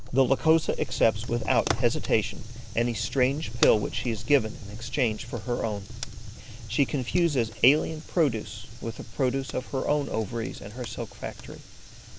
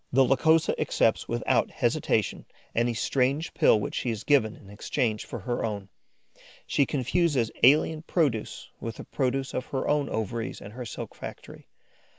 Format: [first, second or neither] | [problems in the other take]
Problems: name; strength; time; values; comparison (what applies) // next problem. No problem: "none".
second | background sound (Fire); 6 dB below the speech